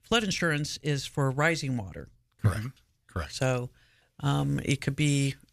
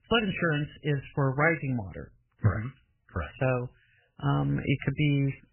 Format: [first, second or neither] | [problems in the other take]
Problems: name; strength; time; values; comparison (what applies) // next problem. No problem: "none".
first | garbled, watery; badly; nothing above 3 kHz